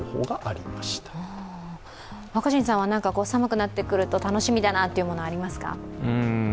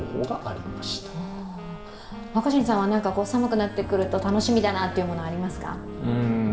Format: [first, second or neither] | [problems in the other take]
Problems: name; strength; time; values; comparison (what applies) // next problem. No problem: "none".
first | background sound (Wind instrument, woodwind instrument); 19 dB below the speech // room echo; dies away in 1.8 s